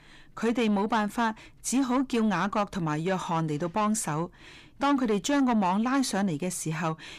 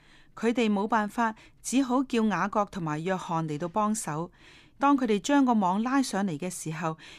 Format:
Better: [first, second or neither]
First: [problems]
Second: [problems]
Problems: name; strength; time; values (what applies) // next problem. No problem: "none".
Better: second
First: distortion; slight; 10 dB below the speech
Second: none